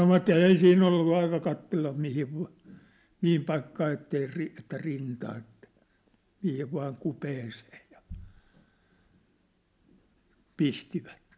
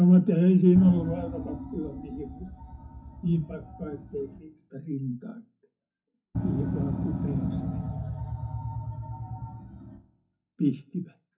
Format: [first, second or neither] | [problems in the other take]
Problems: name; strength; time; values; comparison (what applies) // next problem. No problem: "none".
first | noise reduction (classical method WPE with log-MMSE)